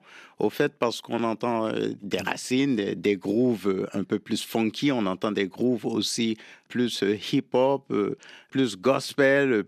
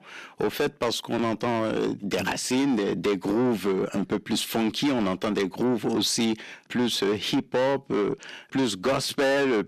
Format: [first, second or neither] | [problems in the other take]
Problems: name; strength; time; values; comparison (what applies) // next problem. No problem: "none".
first | distortion; heavy; 8 dB below the speech